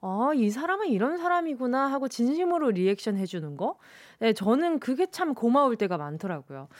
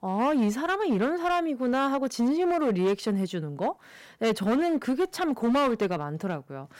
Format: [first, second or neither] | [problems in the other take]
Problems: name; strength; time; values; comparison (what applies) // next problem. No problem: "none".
first | distortion; slight; 11% of the sound clipped